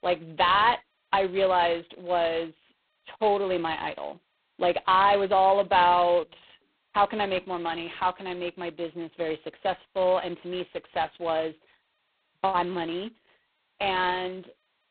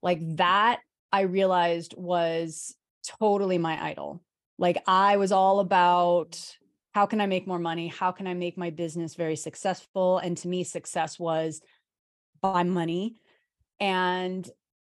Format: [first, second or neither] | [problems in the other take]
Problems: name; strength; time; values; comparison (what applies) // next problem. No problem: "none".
second | phone-call audio; poor line; nothing above 4 kHz